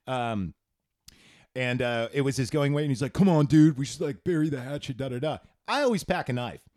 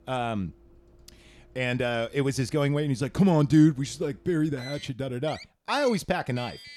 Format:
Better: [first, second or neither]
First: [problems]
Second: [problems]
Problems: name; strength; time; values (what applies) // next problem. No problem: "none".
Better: first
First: none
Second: traffic noise; faint; throughout; 25 dB below the speech